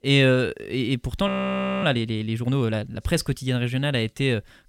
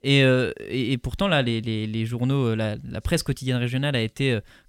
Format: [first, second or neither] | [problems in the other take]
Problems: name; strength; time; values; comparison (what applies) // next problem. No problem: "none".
second | audio freezing; at 1.5 s for 0.5 s